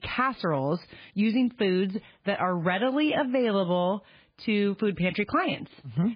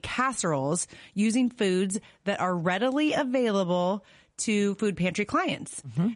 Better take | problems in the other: second | garbled, watery; badly; nothing above 4 kHz; slightly in the second

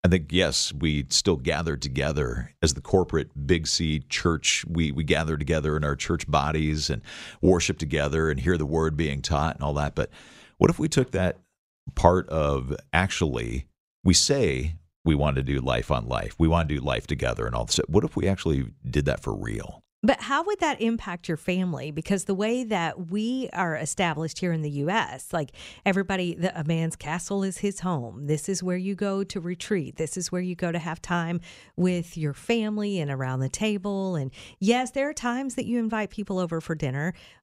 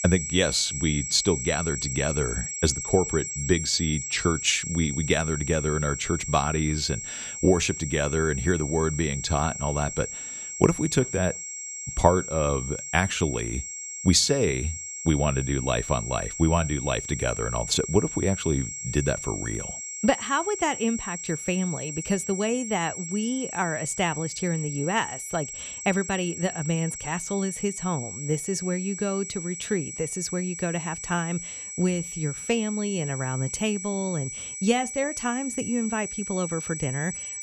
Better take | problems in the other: first | high-pitched whine; loud; throughout; 7.5 kHz, 6 dB below the speech

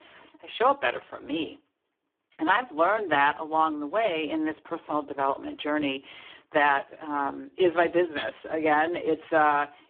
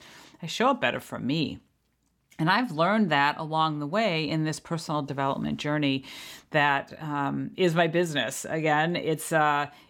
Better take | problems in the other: second | phone-call audio; poor line

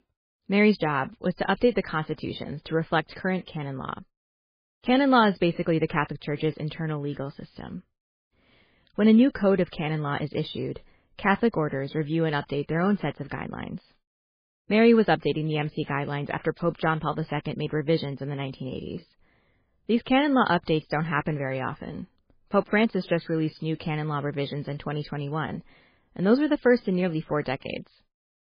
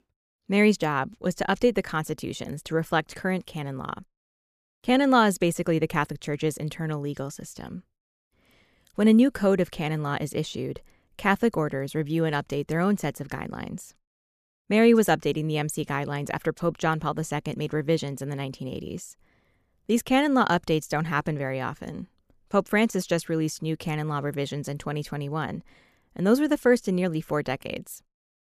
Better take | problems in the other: second | garbled, watery; badly; nothing above 4 kHz

